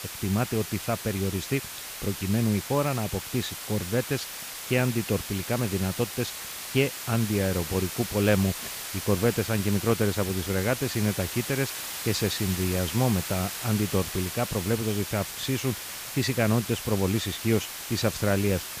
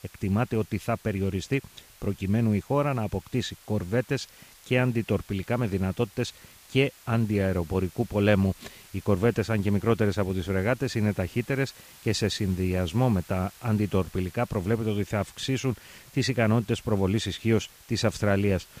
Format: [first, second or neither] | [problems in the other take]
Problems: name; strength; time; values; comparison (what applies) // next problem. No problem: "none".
second | hiss; loud; throughout; 6 dB below the speech; faint in the second